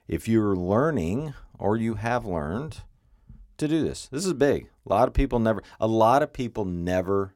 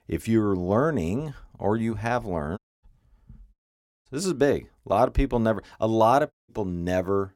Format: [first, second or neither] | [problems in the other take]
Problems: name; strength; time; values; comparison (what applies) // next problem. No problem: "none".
first | audio cutting out; at 2.5 s, at 3.5 s for 0.5 s and at 6.5 s